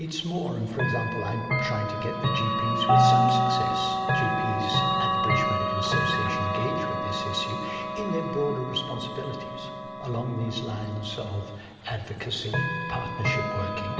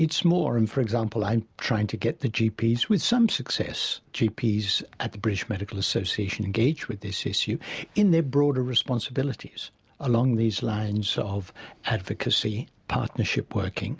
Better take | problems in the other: second | background sound (Chime / Clock); 4 dB above the speech // room echo; dies away in 2.7 s

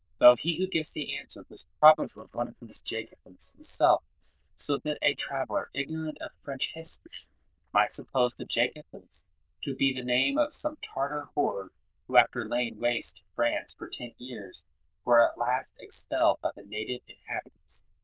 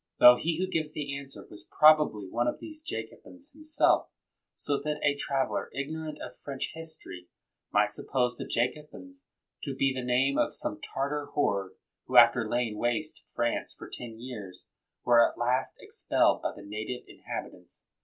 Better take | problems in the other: second | noise reduction (neural diffusion model UNIVERSE++)

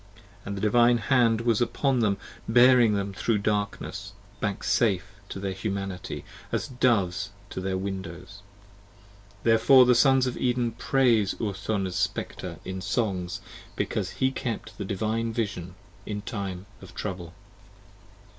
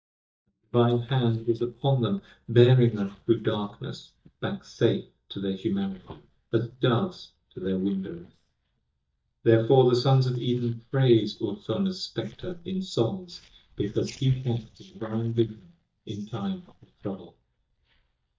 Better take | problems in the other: first | noise reduction (neural mask model DeepFilterNet 3)

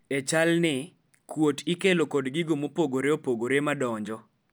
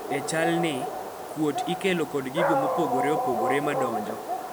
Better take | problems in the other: first | background sound (Dog); as loud as the speech

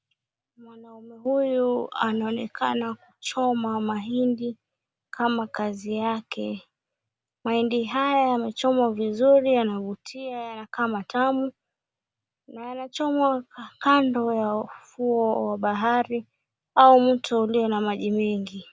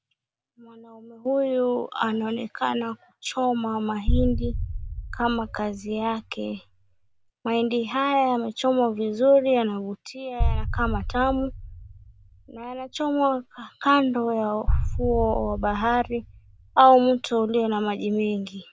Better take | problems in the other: first | background sound (Boom); 4 dB below the speech

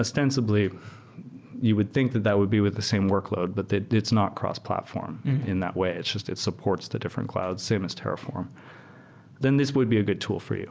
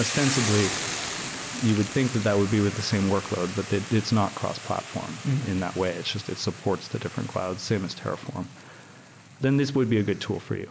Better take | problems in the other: first | background sound (Boiling / Hiss); 10 dB below the speech

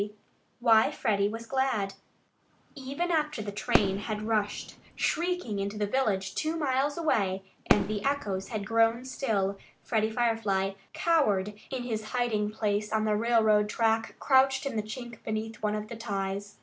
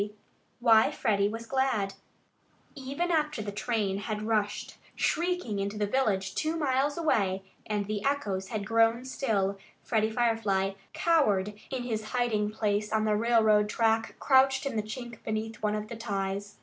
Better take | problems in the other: second | background sound (Fireworks); 6 dB below the speech

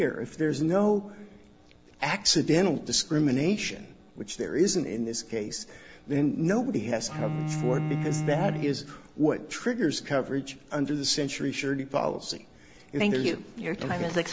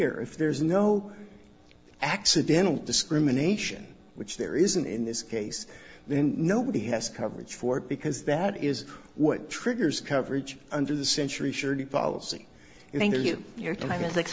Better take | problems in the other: second | background sound (Bowed string instrument); 5 dB below the speech

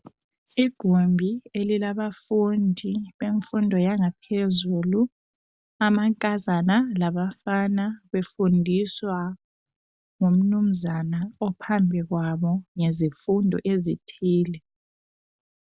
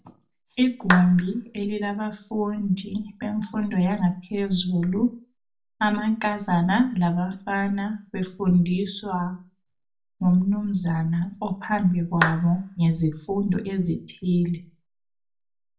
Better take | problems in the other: first | background sound (Clapping); 6 dB below the speech // room echo; dies away in 0.2 s

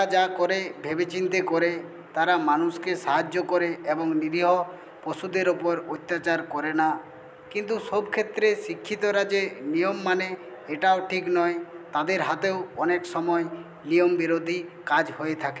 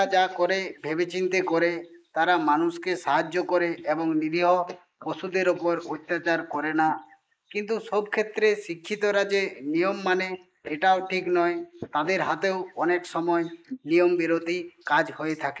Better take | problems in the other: first | noise reduction (neural mask model Resemble Enhance denoiser)

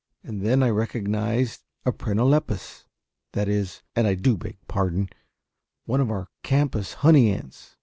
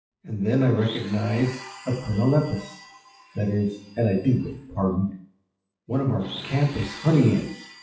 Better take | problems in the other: first | noise reduction (classical method WPE with log-MMSE)

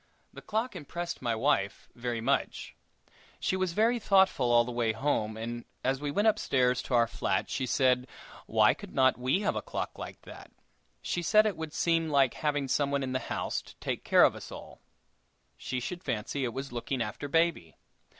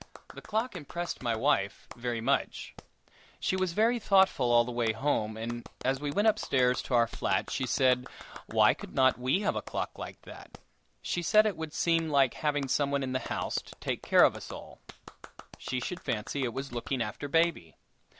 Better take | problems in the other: first | background sound (Clapping); 19 dB below the speech

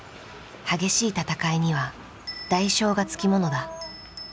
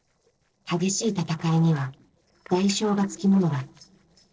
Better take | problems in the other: first | noise reduction (neural separator model SepFormer DNS4)

